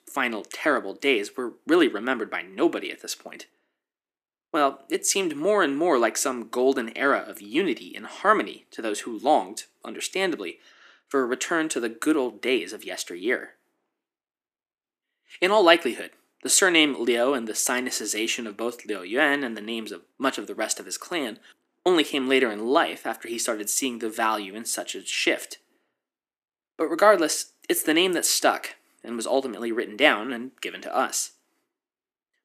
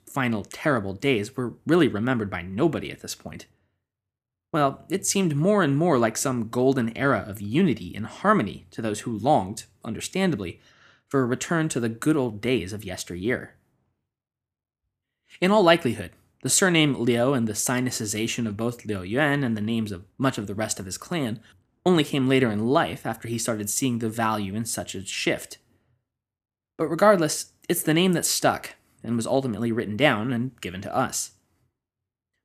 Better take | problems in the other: second | thin; somewhat; fading below 300 Hz

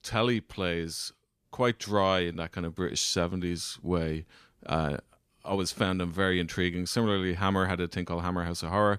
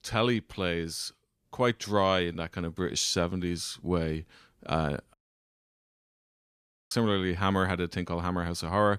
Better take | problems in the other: first | audio cutting out; at 5 s for 2 s

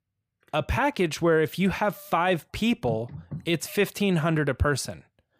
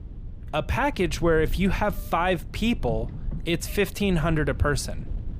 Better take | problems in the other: first | wind noise on the microphone; occasional gusts; 25 dB below the speech

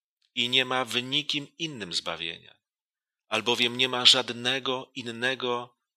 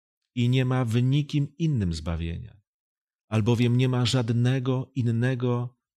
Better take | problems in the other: second | thin; very; fading below 600 Hz

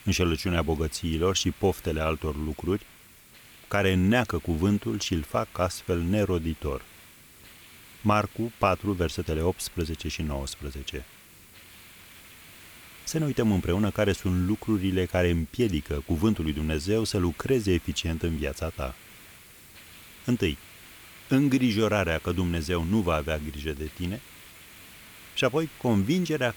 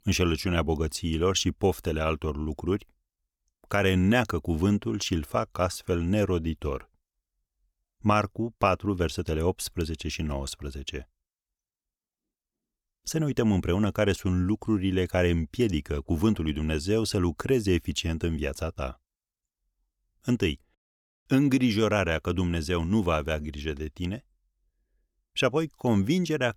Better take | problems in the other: second | hiss; noticeable; throughout; 20 dB below the speech

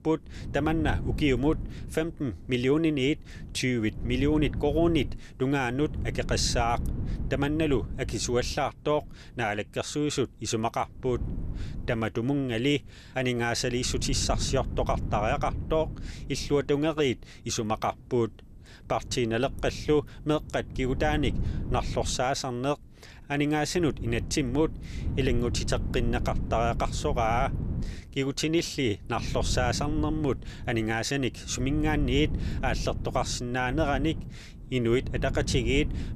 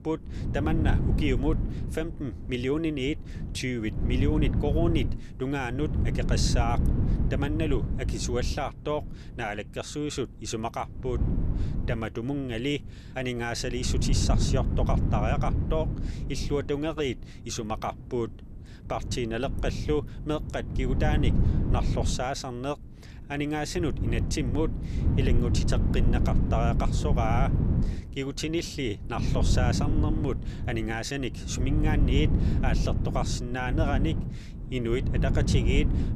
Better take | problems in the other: first | wind noise on the microphone; heavy; 7 dB below the speech; occasional gusts in the first

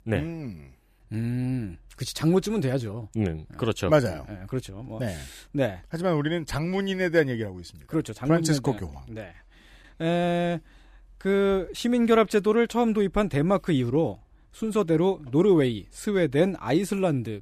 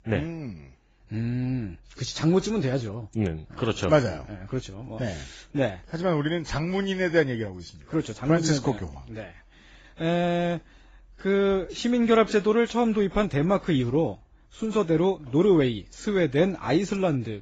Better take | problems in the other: first | garbled, watery; badly; nothing above 7.5 kHz

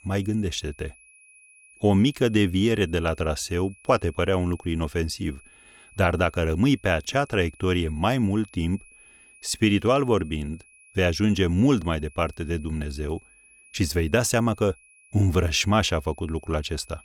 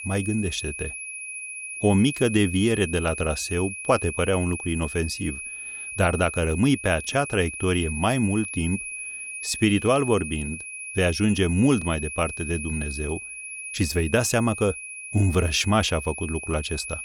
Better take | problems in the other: first | high-pitched whine; loud; throughout; 2.5 kHz, 8 dB below the speech; faint in the first

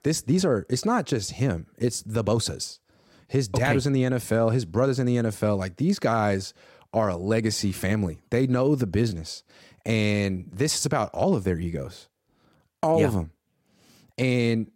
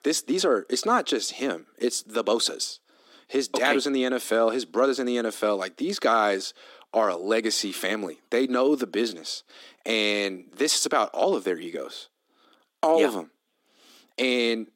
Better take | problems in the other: first | thin; somewhat; fading below 250 Hz

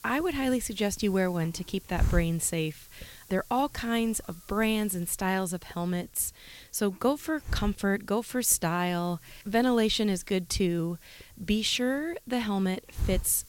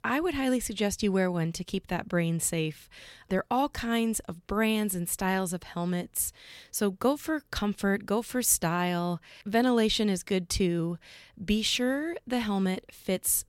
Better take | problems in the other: second | hiss; noticeable; throughout; 10 dB below the speech

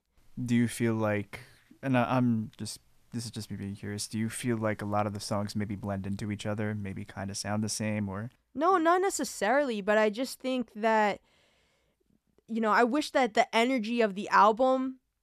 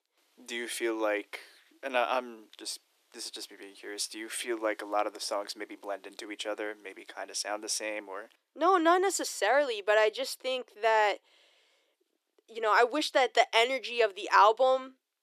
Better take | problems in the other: first | thin; very; fading below 300 Hz

